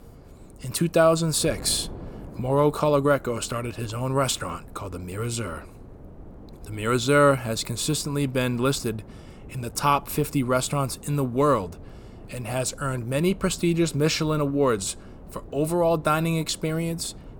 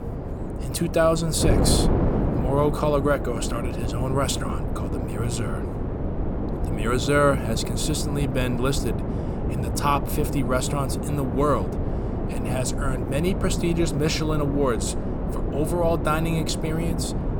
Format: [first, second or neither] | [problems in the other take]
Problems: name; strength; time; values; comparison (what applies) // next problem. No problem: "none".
first | wind noise on the microphone; heavy; 7 dB below the speech; occasional gusts in the first